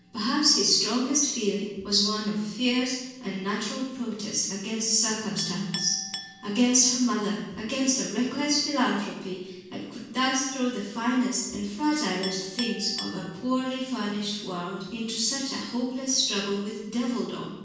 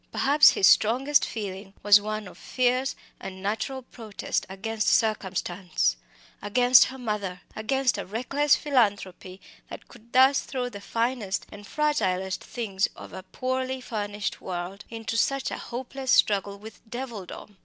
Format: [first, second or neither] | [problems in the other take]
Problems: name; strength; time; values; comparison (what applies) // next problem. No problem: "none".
second | background sound (Chink, clink); 19 dB below the speech // room echo; dies away in 1.2 s